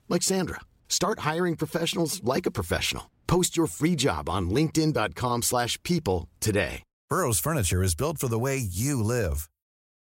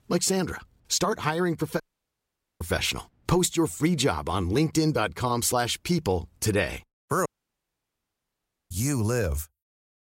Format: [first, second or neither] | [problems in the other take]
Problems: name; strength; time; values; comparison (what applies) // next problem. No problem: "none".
first | audio cutting out; at 2 s for 1 s and at 7.5 s for 1.5 s